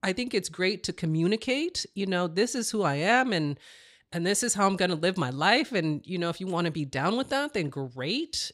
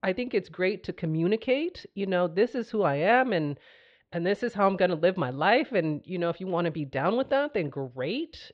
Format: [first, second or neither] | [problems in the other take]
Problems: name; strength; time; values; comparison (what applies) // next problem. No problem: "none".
first | muffled; very; fading above 3 kHz